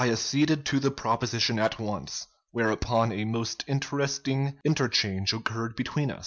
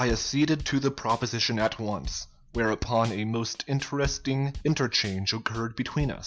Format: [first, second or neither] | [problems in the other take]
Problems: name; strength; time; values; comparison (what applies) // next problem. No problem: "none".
first | background sound (Drum / Drum kit); 14 dB below the speech